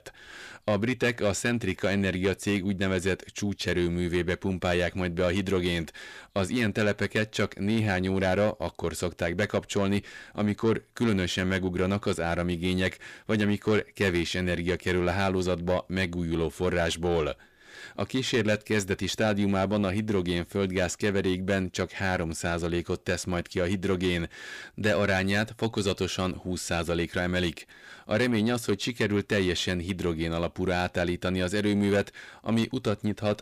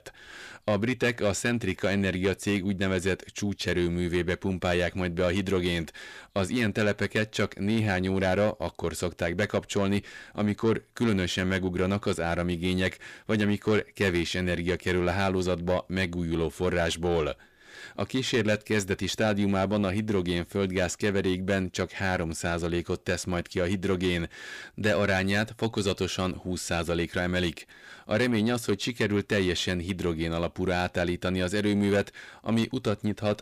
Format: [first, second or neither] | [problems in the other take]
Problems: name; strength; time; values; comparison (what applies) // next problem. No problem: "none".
neither | distortion; slight; 10 dB below the speech; the same in both